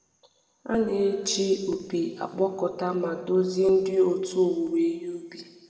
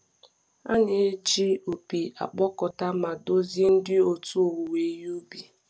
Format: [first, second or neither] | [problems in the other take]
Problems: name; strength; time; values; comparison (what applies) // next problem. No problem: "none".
second | room echo; dies away in 1.7 s